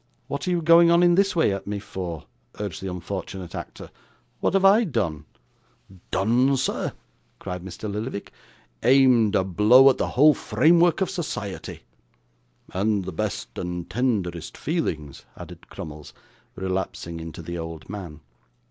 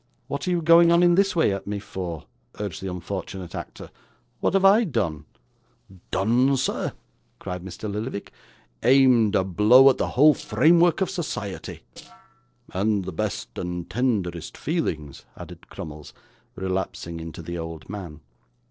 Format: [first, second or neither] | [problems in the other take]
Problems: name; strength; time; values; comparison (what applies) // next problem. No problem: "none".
first | noise reduction (neural separator model SepFormer DNS4)